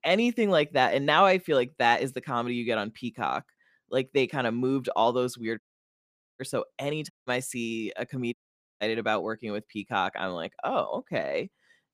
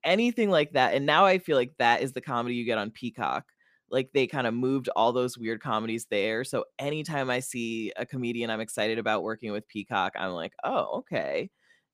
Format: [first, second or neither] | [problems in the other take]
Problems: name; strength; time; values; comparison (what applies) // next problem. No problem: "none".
second | audio cutting out; at 5.5 s for 1 s, at 7 s and at 8.5 s